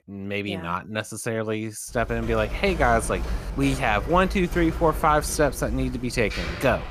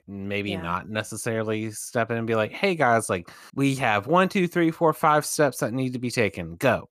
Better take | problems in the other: second | keyboard typing; noticeable; from 2 s on; peak 6 dB below the speech

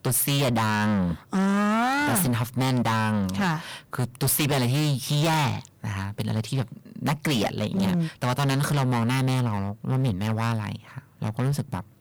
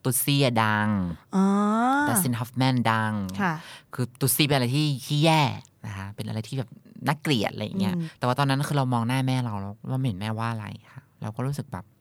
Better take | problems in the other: second | distortion; heavy; 23% of the sound clipped

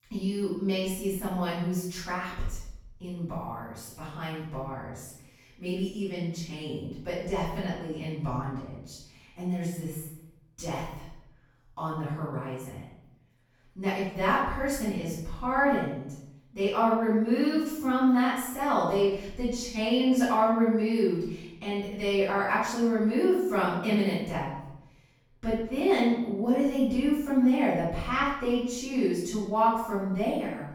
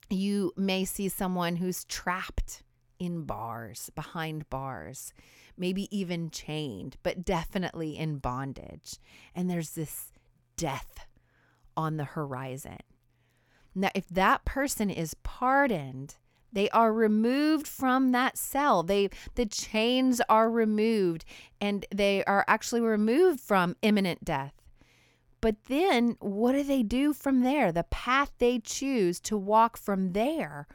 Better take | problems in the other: second | off-mic speech; far // room echo; noticeable; dies away in 0.7 s

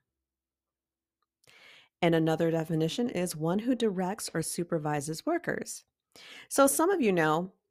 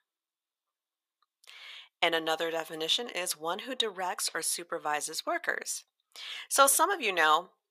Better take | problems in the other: first | thin; very; fading below 800 Hz

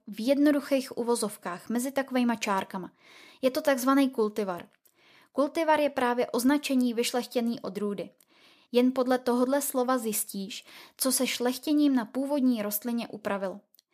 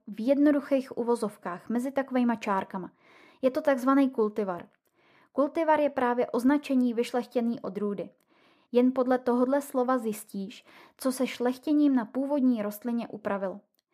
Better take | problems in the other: first | muffled; slightly; fading above 2.5 kHz

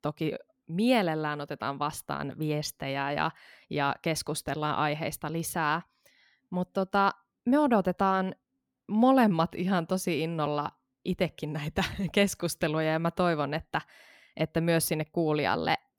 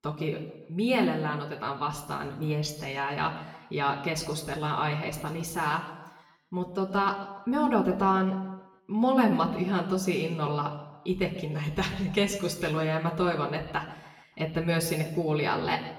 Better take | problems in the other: first | room echo; slight; dies away in 0.9 s // off-mic speech; somewhat distant

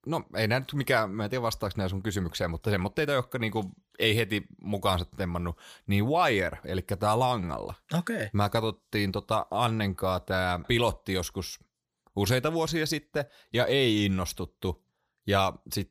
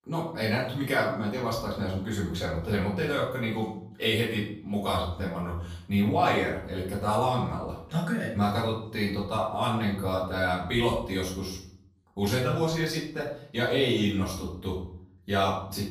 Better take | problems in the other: first | off-mic speech; far // room echo; noticeable; dies away in 0.5 s

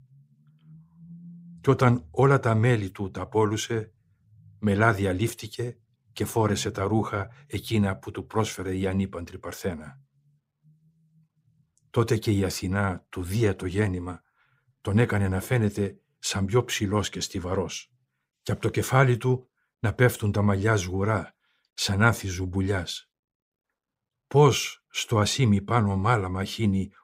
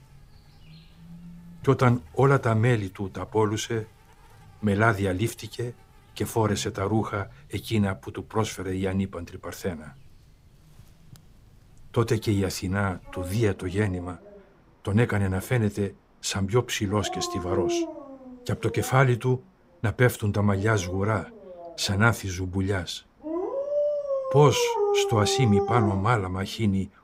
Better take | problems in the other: first | animal sounds; loud; throughout; 5 dB below the speech

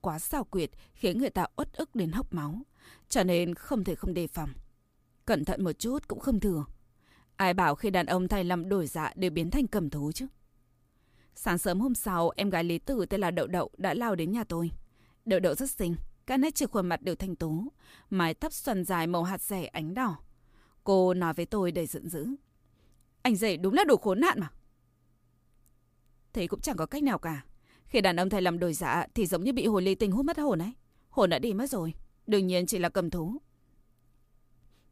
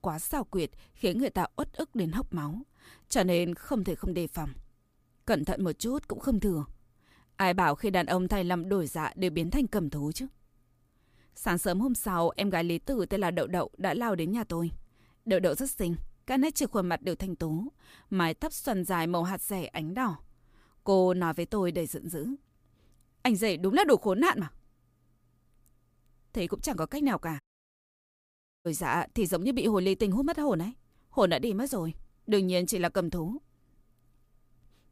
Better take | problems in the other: first | audio cutting out; at 27 s for 1.5 s

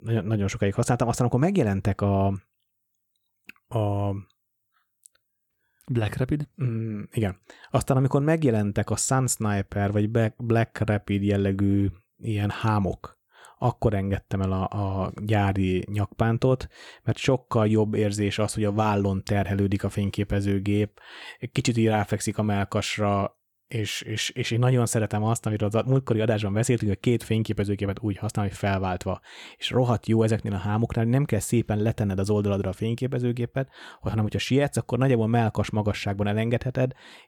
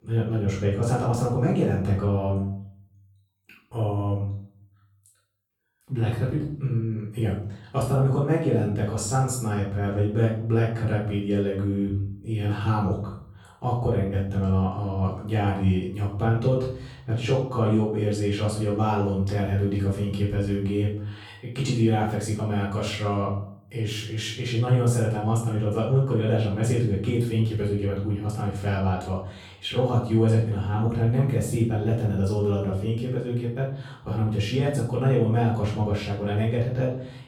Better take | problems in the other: first | room echo; noticeable; dies away in 0.6 s // off-mic speech; far

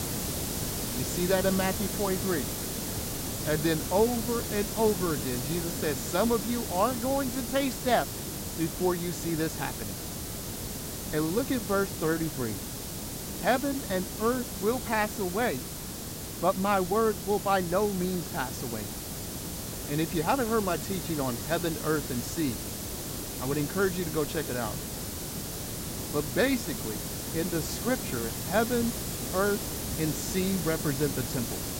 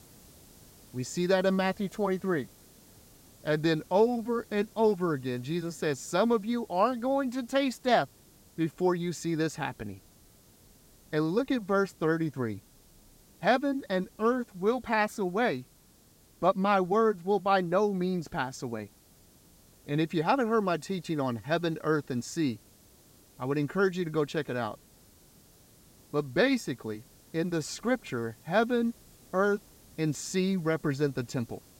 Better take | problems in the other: second | hiss; loud; throughout; 4 dB below the speech; faint in the second

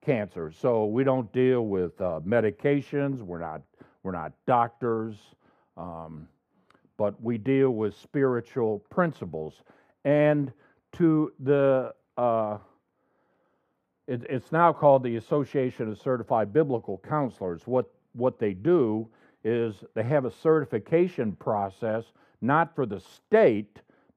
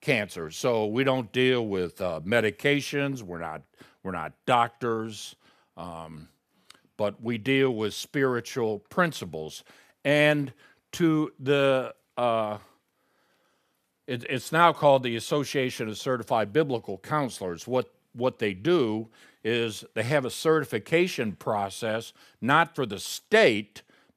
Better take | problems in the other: second | muffled; very; fading above 2 kHz

